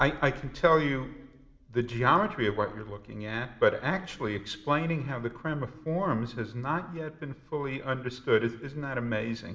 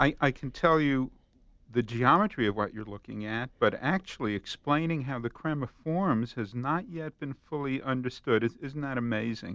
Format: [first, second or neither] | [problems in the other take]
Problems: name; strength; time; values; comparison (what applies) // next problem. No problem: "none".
second | room echo; dies away in 0.9 s